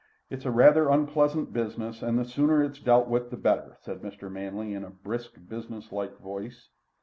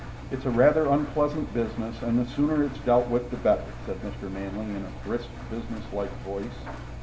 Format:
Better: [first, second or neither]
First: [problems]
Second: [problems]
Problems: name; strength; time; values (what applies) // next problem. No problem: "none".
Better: first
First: none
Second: background sound (Engine); 10 dB below the speech // room echo; dies away in 1.1 s